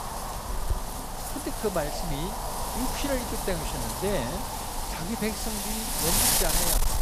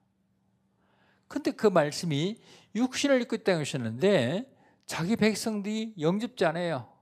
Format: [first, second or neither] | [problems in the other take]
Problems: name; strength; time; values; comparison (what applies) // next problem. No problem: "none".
second | wind noise on the microphone; heavy; 4 dB above the speech